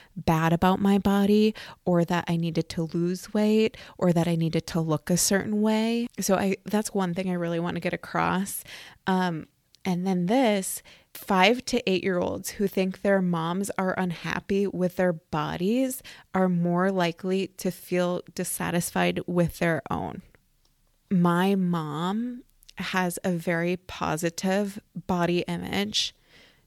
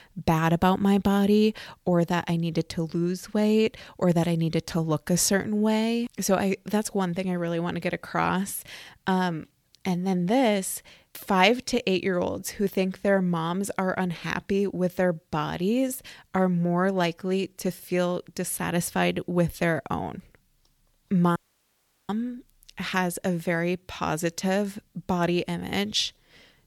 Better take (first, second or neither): first